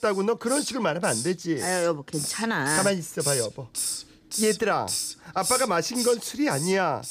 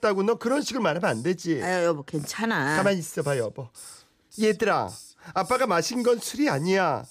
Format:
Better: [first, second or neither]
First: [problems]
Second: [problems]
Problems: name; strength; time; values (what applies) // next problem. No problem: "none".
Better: second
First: hiss; loud; throughout; 4 dB below the speech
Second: hiss; faint; throughout; 20 dB below the speech